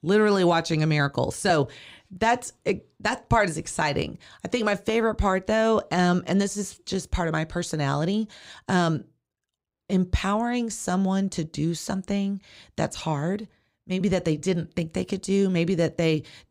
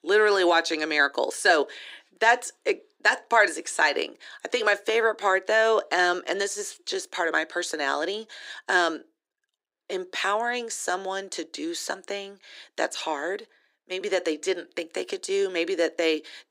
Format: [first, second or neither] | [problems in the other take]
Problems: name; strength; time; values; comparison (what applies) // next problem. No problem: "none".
first | thin; very; fading below 300 Hz